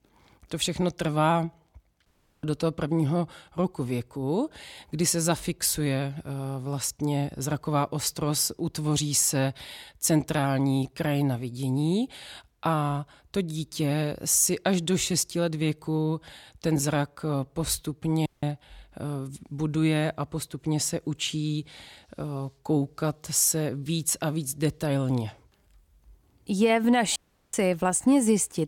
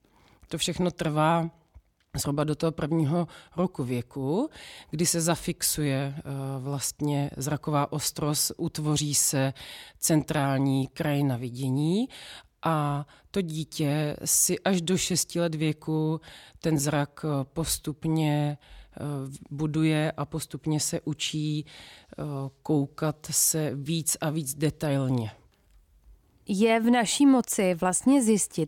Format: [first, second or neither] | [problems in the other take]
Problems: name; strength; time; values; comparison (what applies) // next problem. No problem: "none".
second | audio cutting out; at 2 s, at 18 s and at 27 s